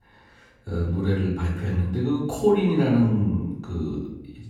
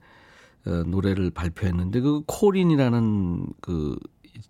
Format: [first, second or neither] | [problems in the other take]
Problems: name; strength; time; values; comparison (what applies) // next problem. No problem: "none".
second | off-mic speech; far // room echo; noticeable; dies away in 0.8 s